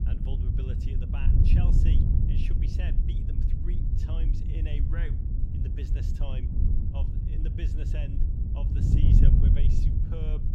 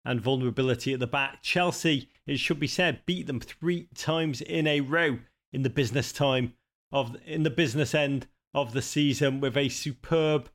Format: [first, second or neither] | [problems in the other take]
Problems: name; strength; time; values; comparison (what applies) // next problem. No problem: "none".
second | wind noise on the microphone; heavy; 4 dB above the speech